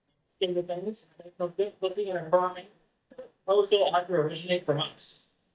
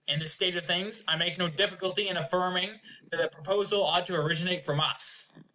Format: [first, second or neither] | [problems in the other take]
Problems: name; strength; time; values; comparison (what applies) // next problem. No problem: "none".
second | noise reduction (neural mask model DeepFilterNet 3)